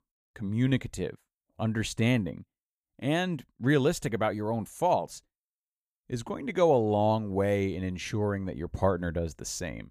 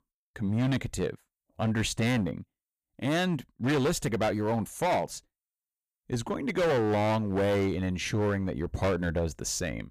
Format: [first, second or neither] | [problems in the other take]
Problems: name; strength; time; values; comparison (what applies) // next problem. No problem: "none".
first | distortion; heavy; 13% of the sound clipped